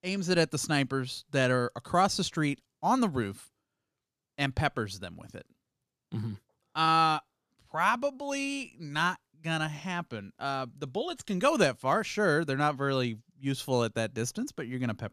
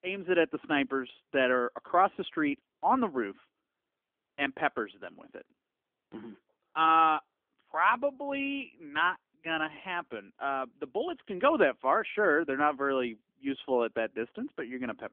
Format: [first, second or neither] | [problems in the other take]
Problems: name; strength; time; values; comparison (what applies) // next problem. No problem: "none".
first | phone-call audio; nothing above 3.5 kHz